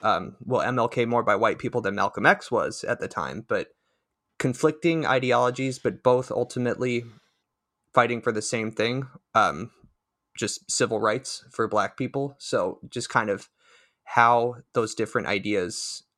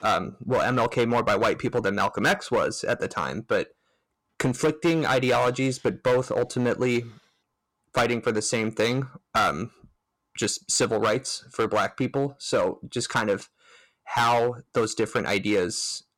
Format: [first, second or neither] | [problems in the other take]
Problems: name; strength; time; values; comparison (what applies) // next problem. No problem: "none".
first | distortion; heavy; 7% of the sound clipped